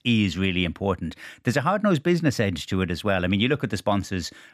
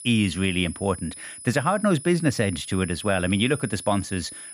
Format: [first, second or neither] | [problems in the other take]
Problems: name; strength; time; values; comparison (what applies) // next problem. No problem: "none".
first | high-pitched whine; noticeable; throughout; 10 kHz, 15 dB below the speech